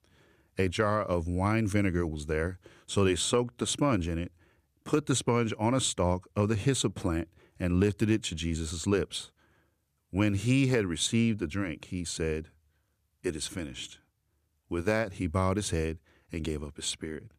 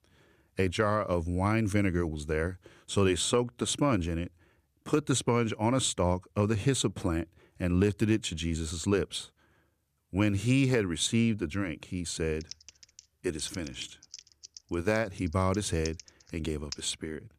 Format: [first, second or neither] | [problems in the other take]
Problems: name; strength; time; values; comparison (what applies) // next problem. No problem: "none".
first | keyboard typing; faint; from 12 to 17 s; peak 15 dB below the speech